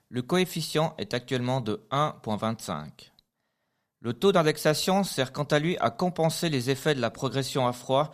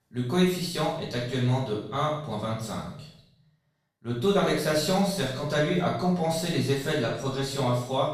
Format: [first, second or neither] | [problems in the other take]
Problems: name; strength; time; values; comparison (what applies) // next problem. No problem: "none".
first | room echo; noticeable; dies away in 0.7 s // off-mic speech; far